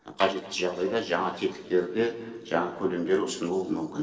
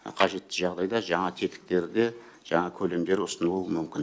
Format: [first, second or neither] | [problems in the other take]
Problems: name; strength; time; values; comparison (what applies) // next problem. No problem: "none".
second | noise reduction (neural separator model SepFormer DNS4)